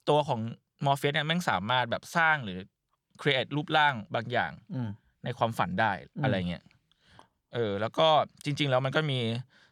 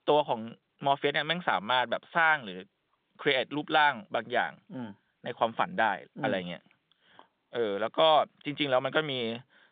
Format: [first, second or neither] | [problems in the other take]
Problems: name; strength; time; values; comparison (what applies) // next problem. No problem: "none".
first | phone-call audio; nothing above 3.5 kHz